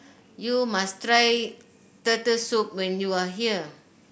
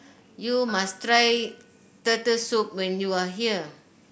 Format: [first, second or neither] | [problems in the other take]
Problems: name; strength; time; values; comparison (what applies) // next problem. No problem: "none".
first | background sound (Piano); 19 dB below the speech